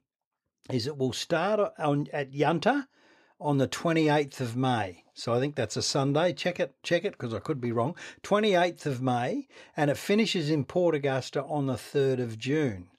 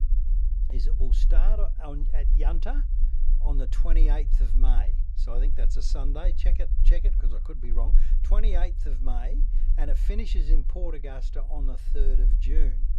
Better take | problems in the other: first | low rumble; noticeable; throughout; 10 dB below the speech

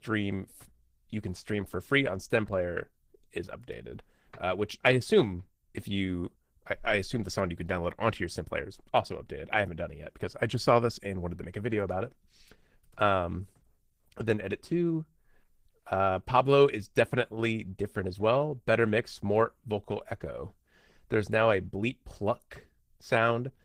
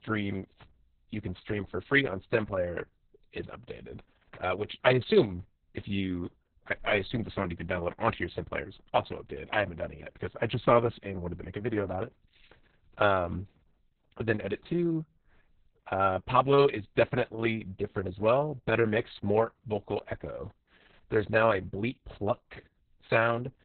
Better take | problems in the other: first | garbled, watery; badly; nothing above 4 kHz; slightly in the first

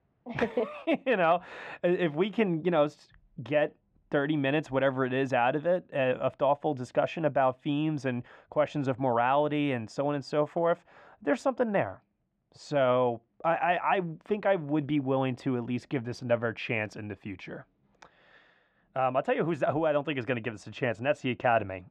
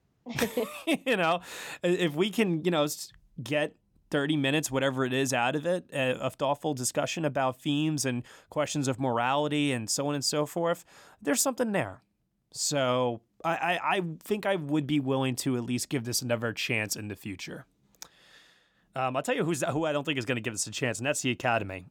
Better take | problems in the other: second | muffled; very; fading above 2 kHz

